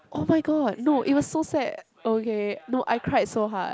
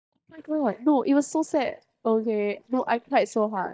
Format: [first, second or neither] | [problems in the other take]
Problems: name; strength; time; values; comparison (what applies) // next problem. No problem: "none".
first | noise reduction (neural mask model DeepFilterNet 3)